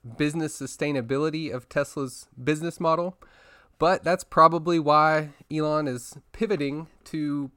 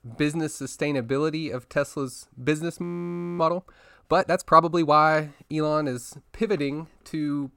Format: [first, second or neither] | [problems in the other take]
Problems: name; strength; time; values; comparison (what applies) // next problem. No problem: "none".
first | audio freezing; at 3 s for 0.5 s